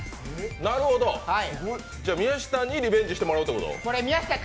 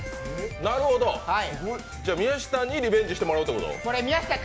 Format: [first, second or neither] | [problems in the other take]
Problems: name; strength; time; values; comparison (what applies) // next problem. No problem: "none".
first | background sound (Wind instrument, woodwind instrument); 17 dB below the speech